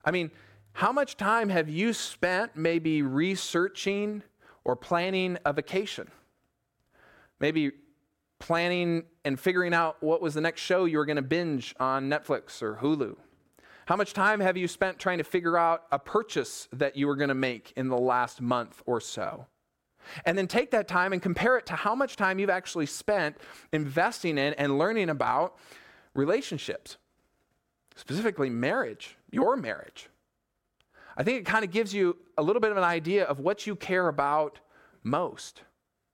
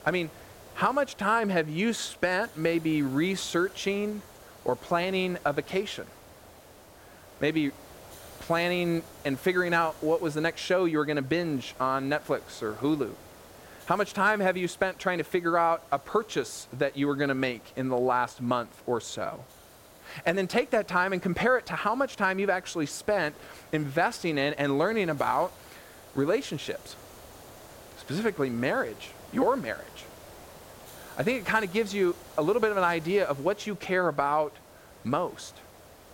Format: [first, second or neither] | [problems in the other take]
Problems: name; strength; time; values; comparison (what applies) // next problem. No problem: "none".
first | hiss; faint; throughout; 20 dB below the speech